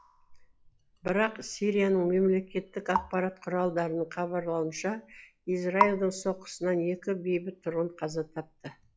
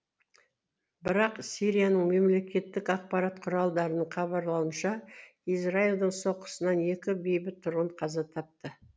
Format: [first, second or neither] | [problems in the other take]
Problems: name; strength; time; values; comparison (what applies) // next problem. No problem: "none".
second | noise reduction (classical method log-MMSE)